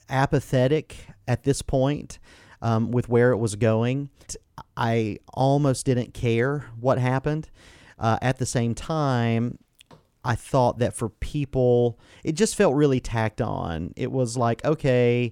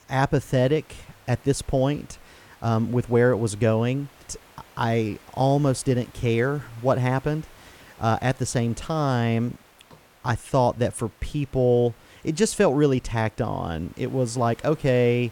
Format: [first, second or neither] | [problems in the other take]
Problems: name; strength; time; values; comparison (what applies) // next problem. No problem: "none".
first | hiss; faint; throughout; 25 dB below the speech